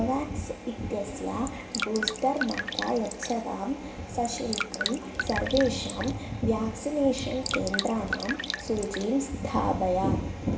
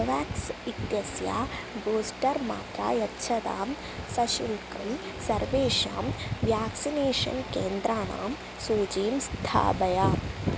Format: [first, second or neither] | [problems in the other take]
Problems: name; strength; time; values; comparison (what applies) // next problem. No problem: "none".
second | background sound (Drip); 6 dB below the speech // room echo; dies away in 0.7 s